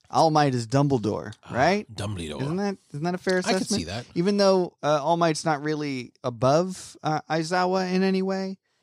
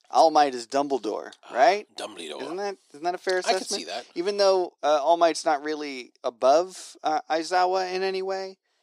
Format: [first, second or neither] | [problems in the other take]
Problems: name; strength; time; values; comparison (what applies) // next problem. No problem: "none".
first | thin; very; fading below 350 Hz